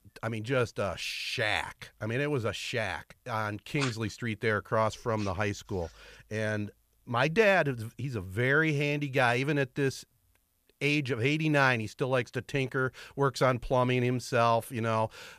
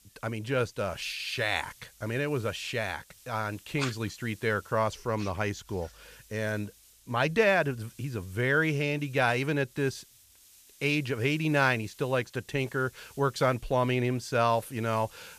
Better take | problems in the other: first | hiss; faint; throughout; 25 dB below the speech

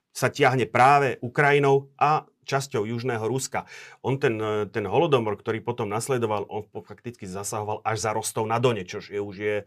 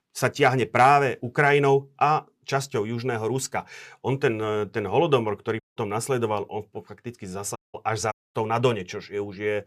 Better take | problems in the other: first | audio cutting out; at 5.5 s, at 7.5 s and at 8 s

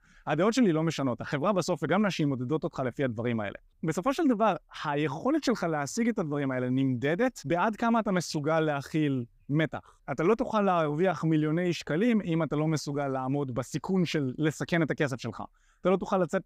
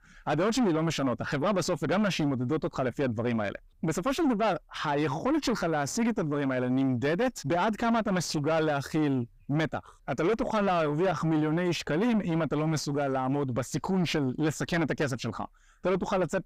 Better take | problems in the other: first | distortion; heavy; 7 dB below the speech

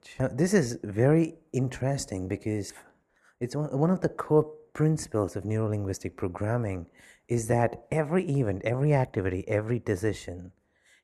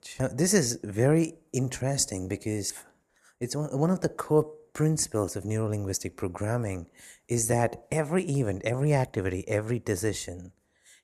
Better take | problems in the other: second | muffled; slightly; fading above 3.5 kHz

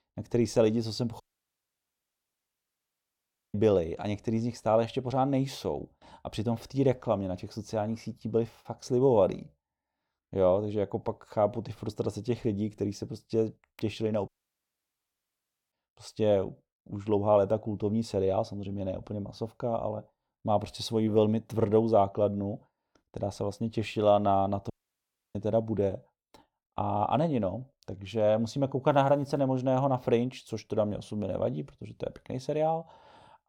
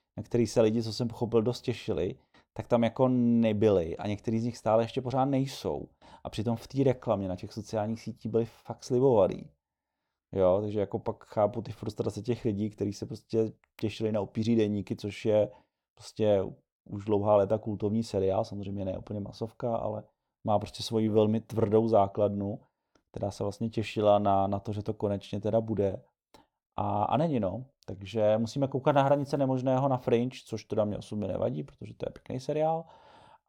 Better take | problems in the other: second | audio cutting out; at 1 s for 2.5 s, at 14 s for 1.5 s and at 25 s for 0.5 s

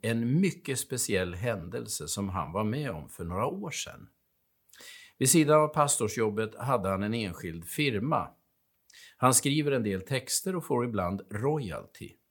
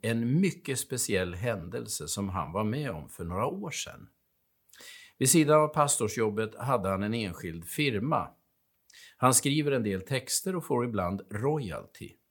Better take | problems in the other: neither | none

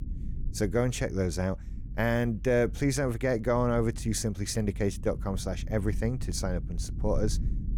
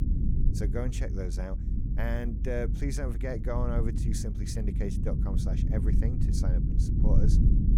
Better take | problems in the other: first | low rumble; loud; throughout; 4 dB below the speech; faint in the first

